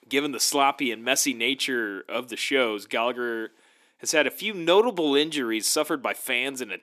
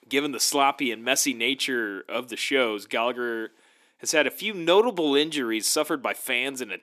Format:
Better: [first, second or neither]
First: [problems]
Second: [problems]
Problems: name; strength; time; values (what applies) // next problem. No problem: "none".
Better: neither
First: thin; very slightly; fading below 300 Hz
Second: thin; very slightly; fading below 300 Hz